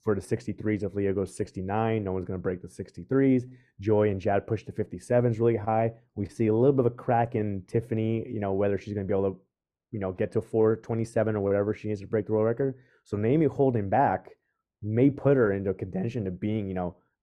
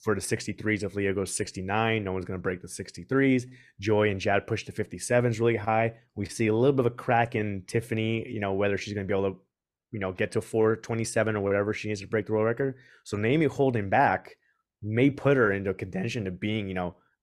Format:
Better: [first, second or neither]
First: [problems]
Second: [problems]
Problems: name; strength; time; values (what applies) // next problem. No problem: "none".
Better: second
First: muffled; slightly; fading above 1.5 kHz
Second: none